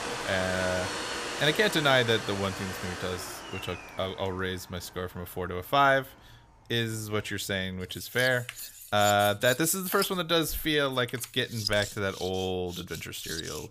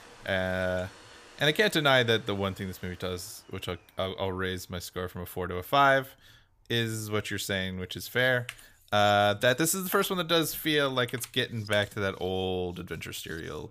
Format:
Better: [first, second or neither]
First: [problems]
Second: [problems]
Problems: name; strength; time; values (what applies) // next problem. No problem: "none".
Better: second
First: household noises; loud; throughout; 8 dB below the speech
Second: household noises; faint; throughout; 25 dB below the speech